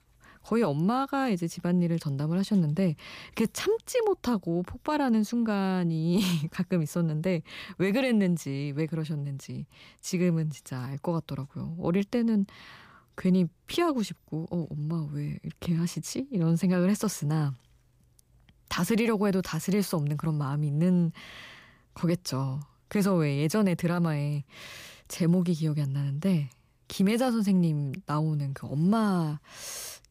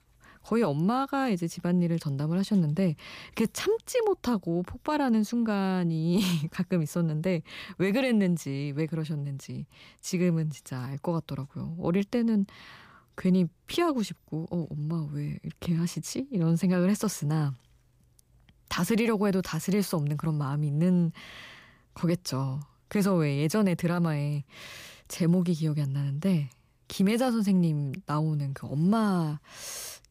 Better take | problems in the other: neither | none

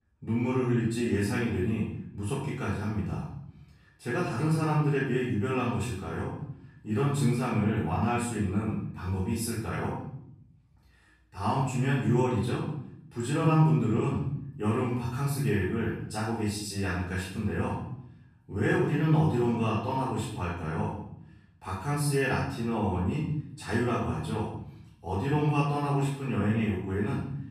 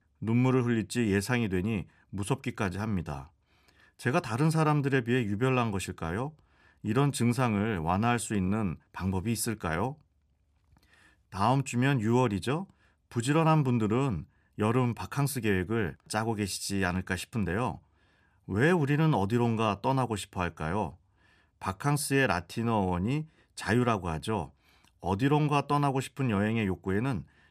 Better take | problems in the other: second | off-mic speech; far // room echo; noticeable; dies away in 0.7 s

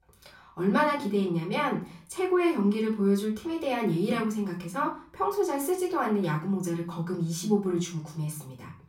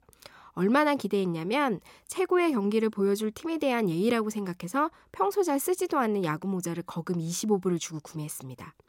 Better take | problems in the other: second | off-mic speech; far // room echo; slight; dies away in 0.4 s

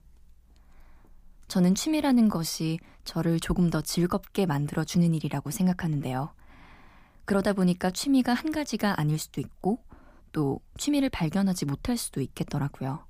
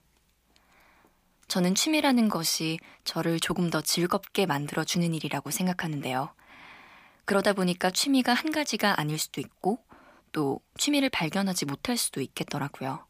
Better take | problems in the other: first | thin; very slightly; fading below 900 Hz

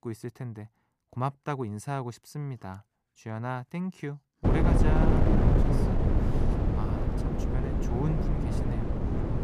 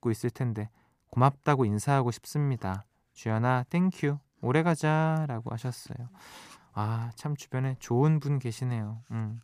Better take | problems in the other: second | wind noise on the microphone; heavy; from 4.5 s on; 4 dB above the speech

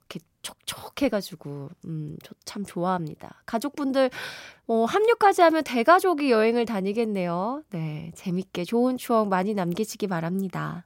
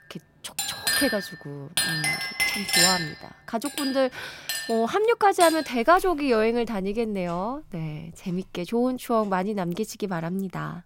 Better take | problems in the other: first | household noises; very loud; throughout; as loud as the speech

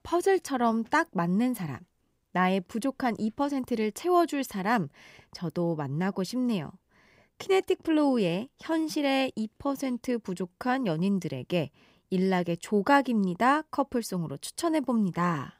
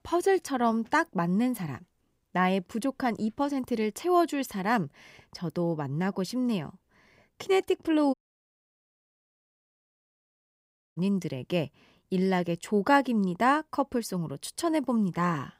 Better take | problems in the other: first | audio cutting out; at 8 s for 3 s

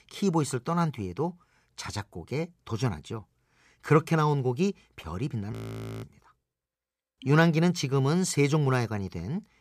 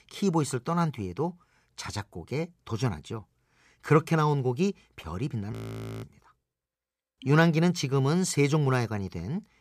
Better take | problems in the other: neither | audio freezing; at 5.5 s for 0.5 s; the same in both

